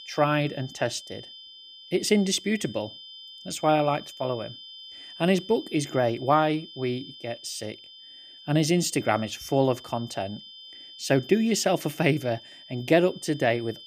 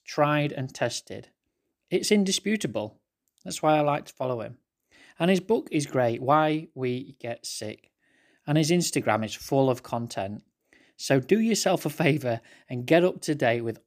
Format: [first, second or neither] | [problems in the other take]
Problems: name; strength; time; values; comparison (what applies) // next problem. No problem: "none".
second | high-pitched whine; noticeable; throughout; 3 kHz, 15 dB below the speech